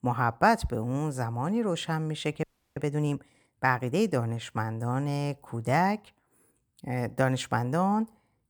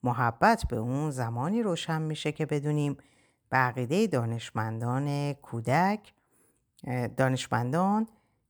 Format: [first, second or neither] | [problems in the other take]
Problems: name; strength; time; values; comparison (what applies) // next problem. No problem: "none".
second | audio freezing; at 2.5 s